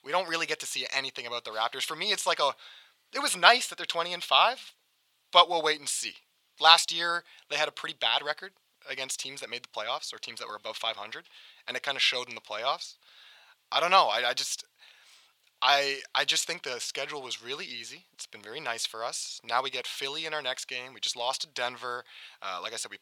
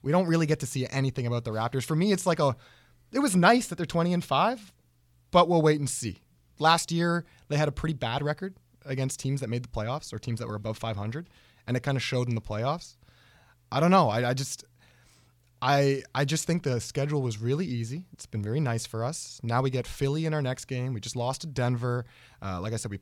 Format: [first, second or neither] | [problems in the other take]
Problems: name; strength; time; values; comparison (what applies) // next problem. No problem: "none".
second | thin; very; fading below 850 Hz